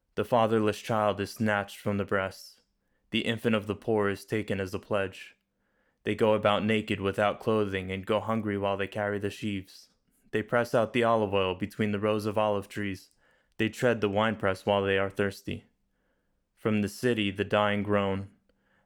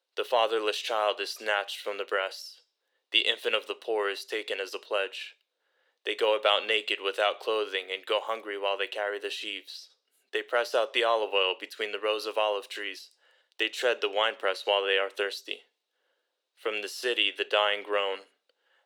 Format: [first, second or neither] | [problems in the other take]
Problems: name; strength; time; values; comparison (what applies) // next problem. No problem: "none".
first | thin; very; fading below 400 Hz